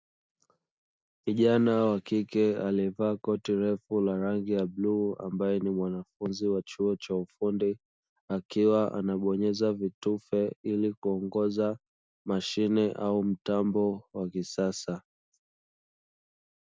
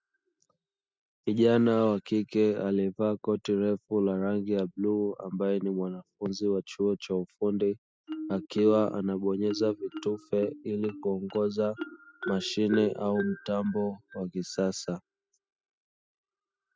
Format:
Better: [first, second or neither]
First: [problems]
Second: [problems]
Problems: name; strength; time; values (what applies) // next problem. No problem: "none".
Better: first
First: none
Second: noise reduction (classical method spectral subtraction)